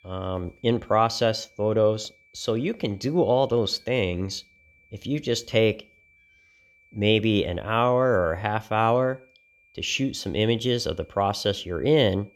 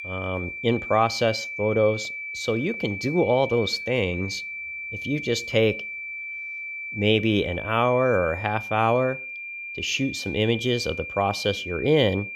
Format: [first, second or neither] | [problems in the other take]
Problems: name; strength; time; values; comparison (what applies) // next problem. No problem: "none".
first | high-pitched whine; loud; throughout; 2.5 kHz, 8 dB below the speech; faint in the first